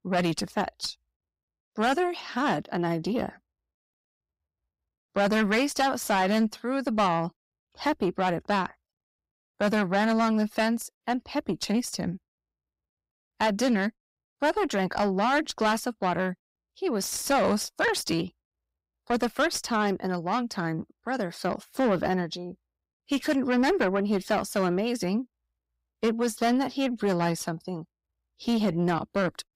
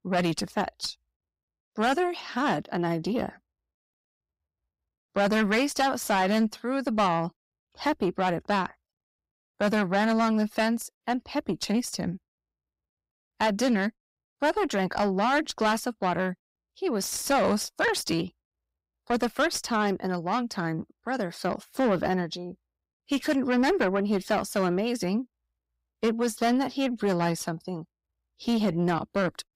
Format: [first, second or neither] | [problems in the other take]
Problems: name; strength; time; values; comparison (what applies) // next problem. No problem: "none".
neither | distortion; heavy; 7 dB below the speech; the same in both